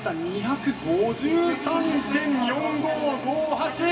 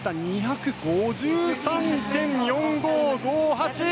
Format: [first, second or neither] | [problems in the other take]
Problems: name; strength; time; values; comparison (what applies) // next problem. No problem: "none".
second | room echo; dies away in 2 s